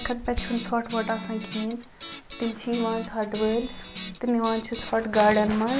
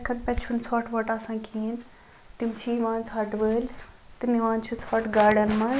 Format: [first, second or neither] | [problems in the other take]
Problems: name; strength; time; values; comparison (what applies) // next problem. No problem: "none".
second | background sound (Guitar); 13 dB below the speech